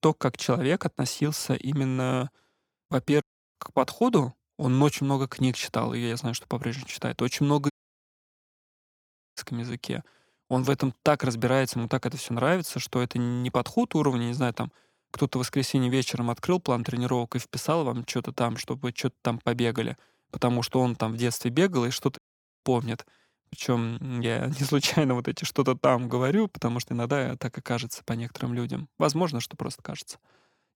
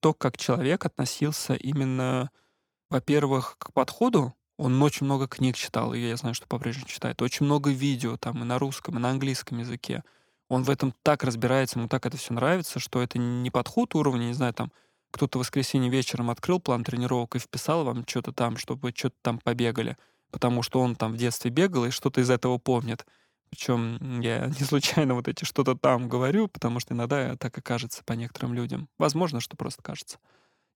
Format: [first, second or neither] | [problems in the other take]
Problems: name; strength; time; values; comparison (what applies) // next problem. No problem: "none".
second | audio cutting out; at 3 s, at 7.5 s for 1.5 s and at 22 s